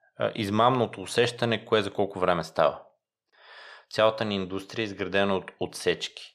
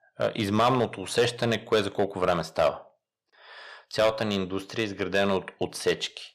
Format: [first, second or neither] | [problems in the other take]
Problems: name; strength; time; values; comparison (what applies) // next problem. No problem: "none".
first | distortion; slight; 2% of the sound clipped